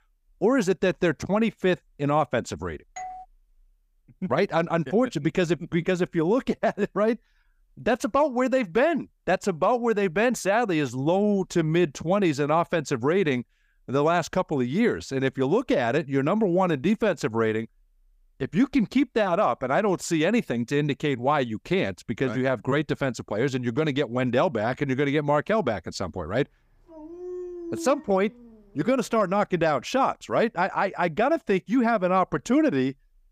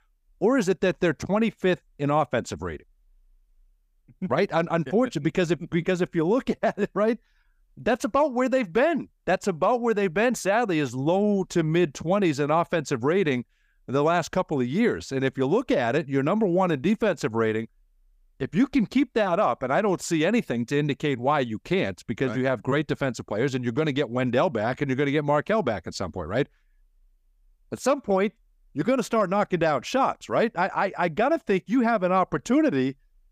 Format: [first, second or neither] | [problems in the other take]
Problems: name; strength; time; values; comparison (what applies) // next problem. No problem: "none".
second | doorbell; faint; at 3 s; peak 15 dB below the speech // dog barking; faint; from 27 to 29 s; peak 10 dB below the speech